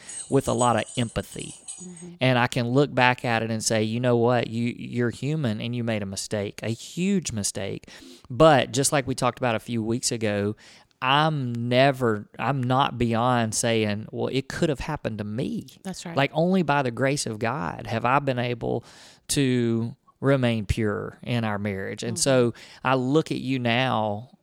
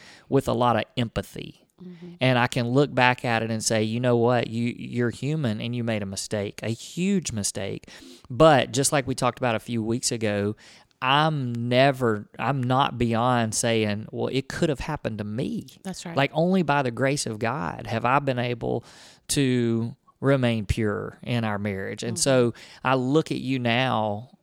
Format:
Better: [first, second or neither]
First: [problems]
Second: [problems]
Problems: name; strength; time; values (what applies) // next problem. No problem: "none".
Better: second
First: jangling keys; noticeable; until 2 s; peak 9 dB below the speech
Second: none